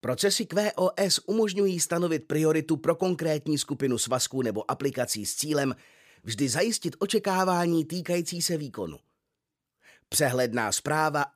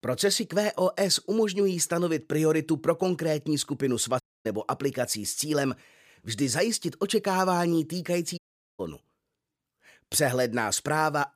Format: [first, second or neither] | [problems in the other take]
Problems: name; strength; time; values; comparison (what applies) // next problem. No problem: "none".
first | audio cutting out; at 4 s and at 8.5 s